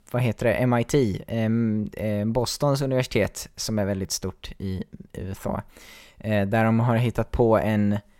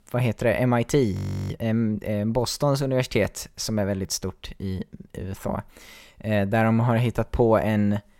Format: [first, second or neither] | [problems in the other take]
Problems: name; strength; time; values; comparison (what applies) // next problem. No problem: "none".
first | audio freezing; at 1 s